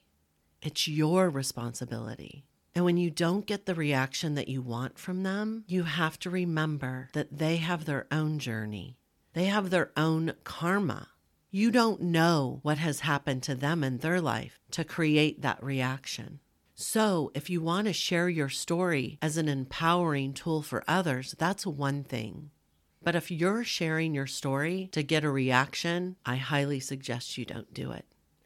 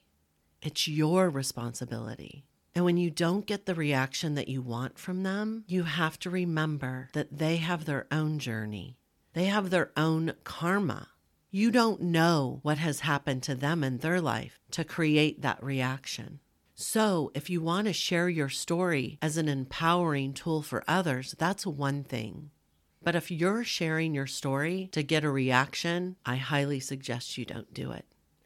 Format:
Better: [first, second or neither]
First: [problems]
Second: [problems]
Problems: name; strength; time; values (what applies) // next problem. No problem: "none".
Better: neither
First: none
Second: none